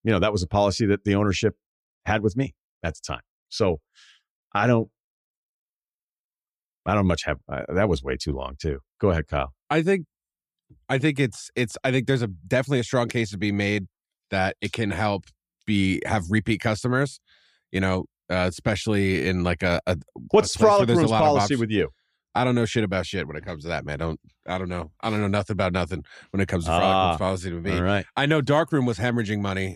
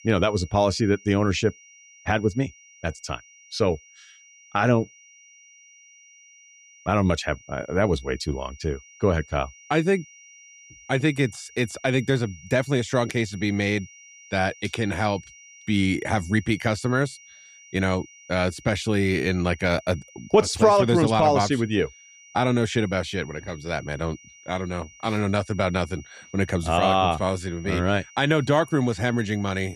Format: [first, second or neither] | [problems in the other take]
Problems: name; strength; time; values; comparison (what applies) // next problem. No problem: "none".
first | high-pitched whine; faint; throughout; 5.5 kHz, 25 dB below the speech